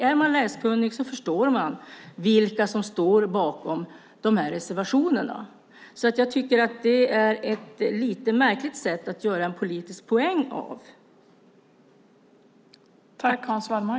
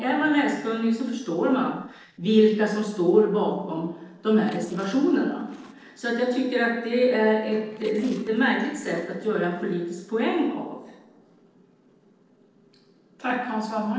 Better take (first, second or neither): first